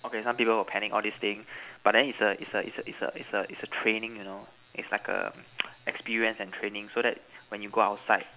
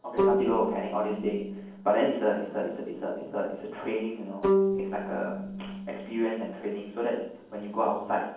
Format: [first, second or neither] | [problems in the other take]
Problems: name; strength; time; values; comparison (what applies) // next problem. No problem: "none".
first | noise reduction (neural separator model SepFormer DNS4)